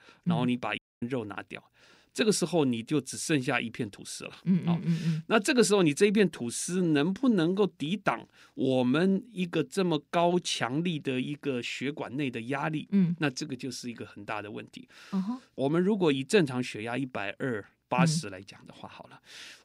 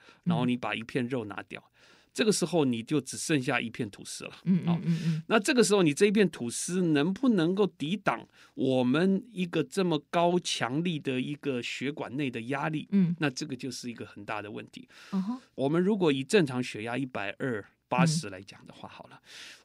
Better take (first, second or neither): second